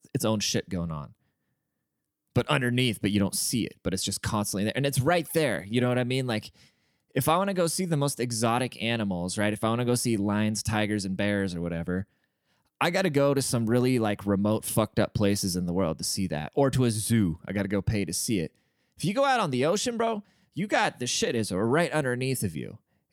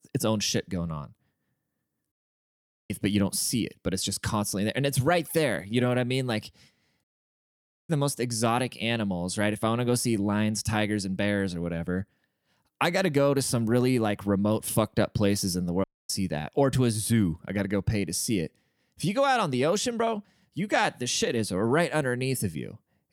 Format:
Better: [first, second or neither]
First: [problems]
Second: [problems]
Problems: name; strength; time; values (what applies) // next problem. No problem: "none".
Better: first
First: none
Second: audio cutting out; at 2 s for 1 s, at 7 s for 1 s and at 16 s